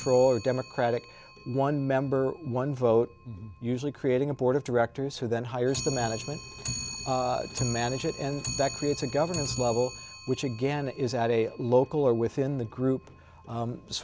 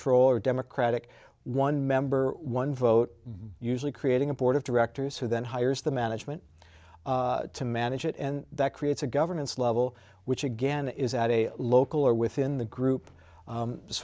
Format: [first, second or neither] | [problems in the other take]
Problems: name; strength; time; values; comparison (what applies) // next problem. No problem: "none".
second | background sound (Clock); 13 dB below the speech